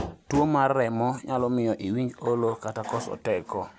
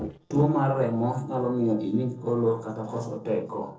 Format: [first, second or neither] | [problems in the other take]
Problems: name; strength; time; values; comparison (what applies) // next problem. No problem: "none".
first | noise reduction (neural separator model SepFormer DNS4)